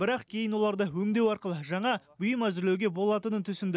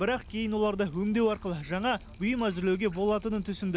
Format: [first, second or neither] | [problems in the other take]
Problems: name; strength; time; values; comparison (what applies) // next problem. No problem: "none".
first | background sound (Drip); 18 dB below the speech